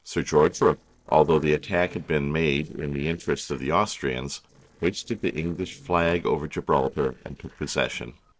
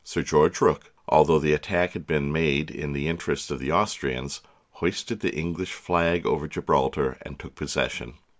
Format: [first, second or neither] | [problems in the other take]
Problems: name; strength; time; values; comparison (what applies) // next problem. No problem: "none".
second | noise reduction (neural separator model SepFormer DNS4)